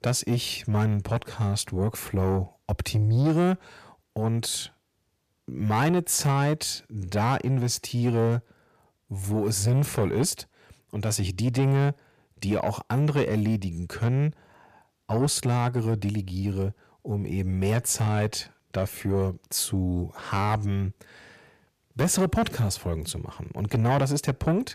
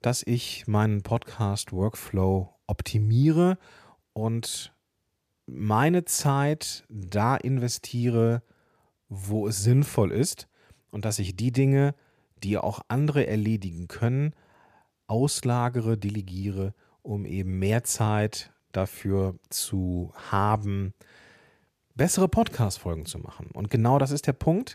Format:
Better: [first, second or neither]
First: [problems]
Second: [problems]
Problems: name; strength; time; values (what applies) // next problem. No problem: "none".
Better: second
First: distortion; slight; 10 dB below the speech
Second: none